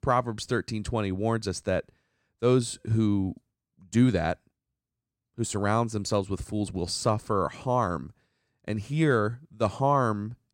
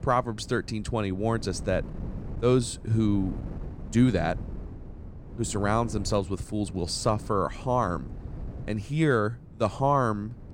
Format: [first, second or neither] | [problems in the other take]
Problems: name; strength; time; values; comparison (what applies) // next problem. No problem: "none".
first | wind noise on the microphone; occasional gusts; 20 dB below the speech